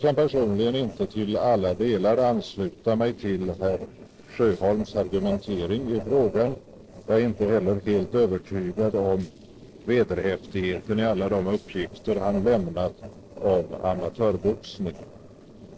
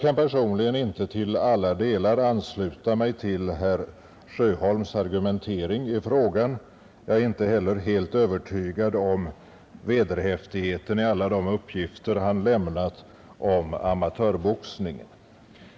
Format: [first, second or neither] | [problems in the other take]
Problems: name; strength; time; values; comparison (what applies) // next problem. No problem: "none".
second | noise reduction (neural separator model SepFormer DNS4)